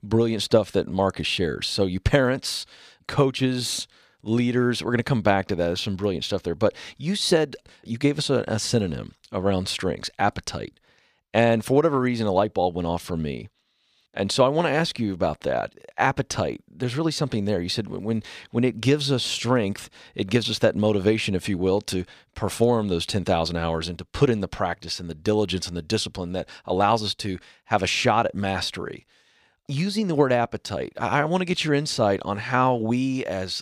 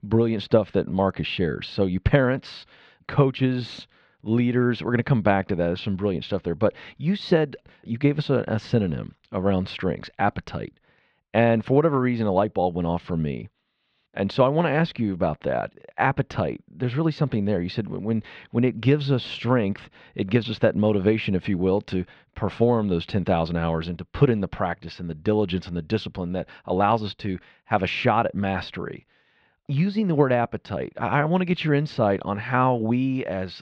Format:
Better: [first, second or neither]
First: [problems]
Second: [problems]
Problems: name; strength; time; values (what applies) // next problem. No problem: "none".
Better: first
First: none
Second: muffled; slightly; fading above 3 kHz